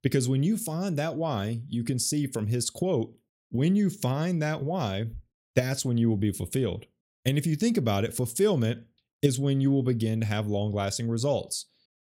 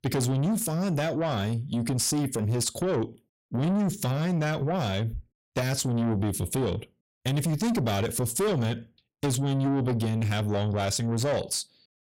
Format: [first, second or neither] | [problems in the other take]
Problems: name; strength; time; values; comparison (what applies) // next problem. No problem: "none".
first | distortion; heavy; 7 dB below the speech